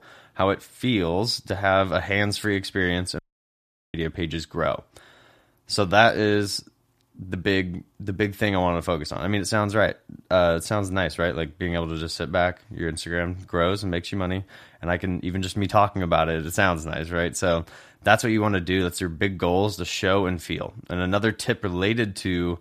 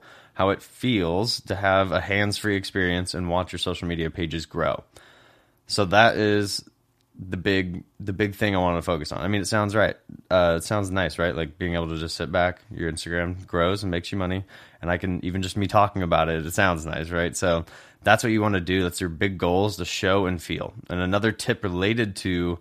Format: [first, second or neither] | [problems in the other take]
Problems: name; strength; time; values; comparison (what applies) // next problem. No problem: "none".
second | audio cutting out; at 3 s for 1 s